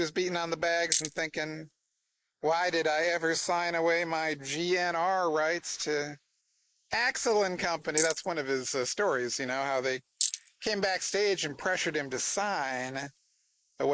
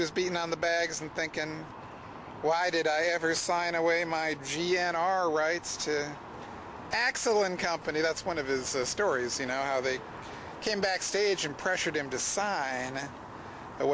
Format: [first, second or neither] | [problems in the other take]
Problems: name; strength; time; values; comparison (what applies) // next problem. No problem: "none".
second | noise reduction (neural mask model Resemble Enhance denoiser)